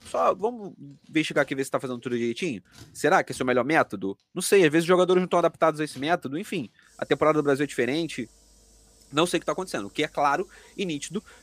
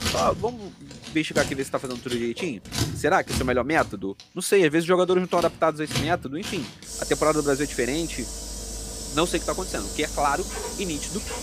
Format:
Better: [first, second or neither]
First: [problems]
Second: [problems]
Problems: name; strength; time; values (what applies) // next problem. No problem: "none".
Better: first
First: household noises; faint; throughout; 30 dB below the speech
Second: household noises; loud; throughout; 7 dB below the speech